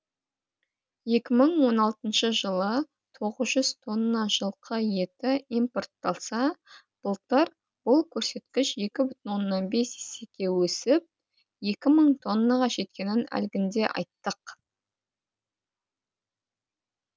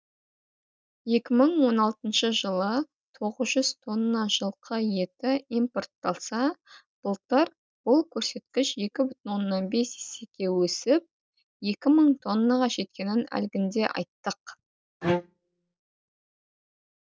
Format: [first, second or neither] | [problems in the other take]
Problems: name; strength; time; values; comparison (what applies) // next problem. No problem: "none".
first | noise reduction (neural mask model DeepFilterNet 3)